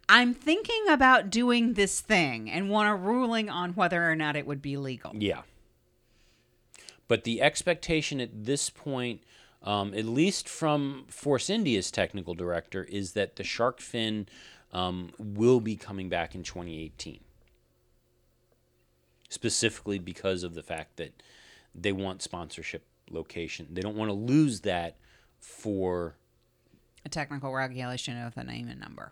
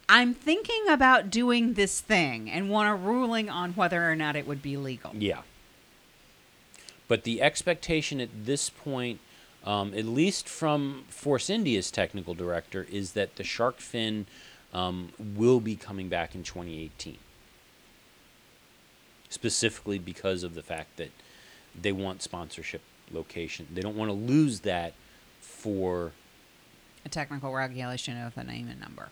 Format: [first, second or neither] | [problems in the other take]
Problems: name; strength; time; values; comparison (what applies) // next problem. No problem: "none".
first | hiss; faint; throughout; 25 dB below the speech